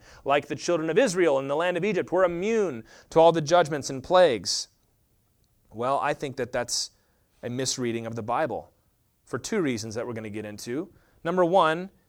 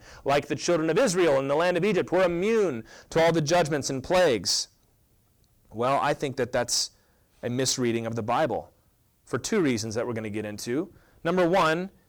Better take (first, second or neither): first